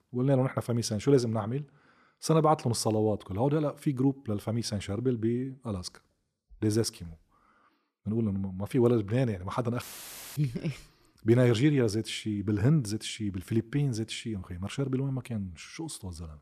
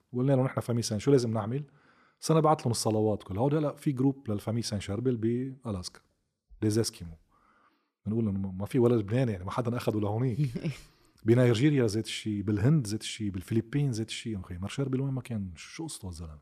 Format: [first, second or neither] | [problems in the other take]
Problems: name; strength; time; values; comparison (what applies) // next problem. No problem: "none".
second | audio cutting out; filled with static; at 10 s for 0.5 s